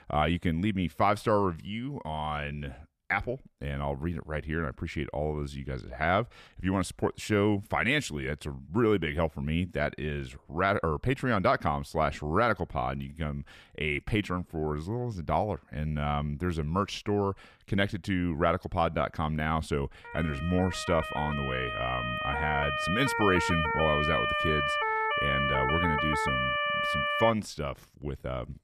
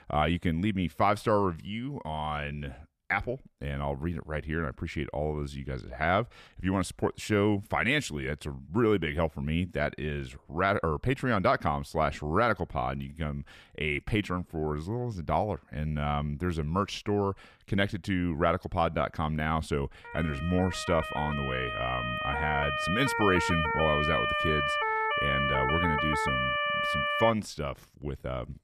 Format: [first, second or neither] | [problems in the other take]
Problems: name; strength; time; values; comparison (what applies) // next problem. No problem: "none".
neither | siren; loud; from 20 to 27 s; peak 3 dB above the speech; the same in both